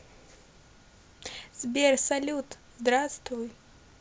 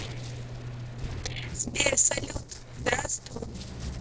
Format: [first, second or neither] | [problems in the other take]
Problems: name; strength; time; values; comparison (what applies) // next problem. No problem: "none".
first | noise reduction (neural separator model SepFormer DNS4)